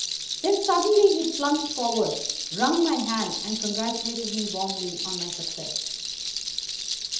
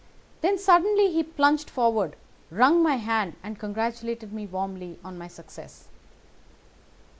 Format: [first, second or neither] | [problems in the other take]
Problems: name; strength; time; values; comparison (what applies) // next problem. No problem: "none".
second | background sound (Rattle); 5 dB below the speech // room echo; dies away in 1.2 s